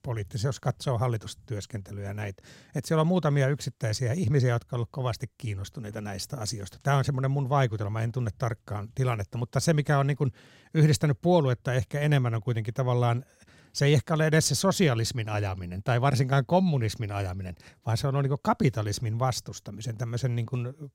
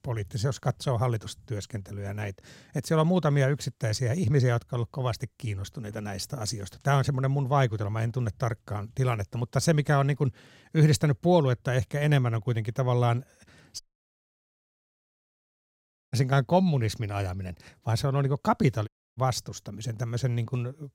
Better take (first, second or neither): first